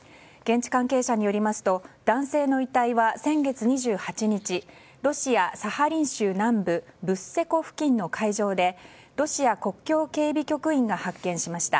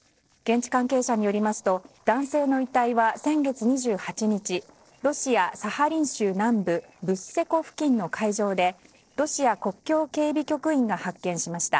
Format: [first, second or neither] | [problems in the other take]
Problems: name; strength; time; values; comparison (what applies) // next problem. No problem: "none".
first | noise reduction (neural separator model SepFormer DNS4)